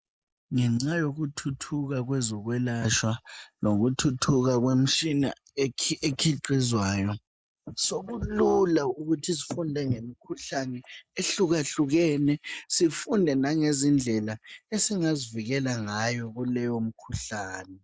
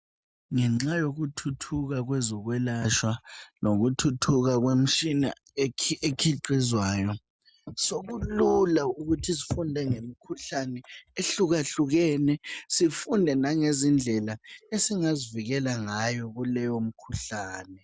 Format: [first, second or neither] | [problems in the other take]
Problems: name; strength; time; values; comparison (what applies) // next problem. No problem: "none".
second | noise reduction (neural mask model Resemble Enhance denoiser)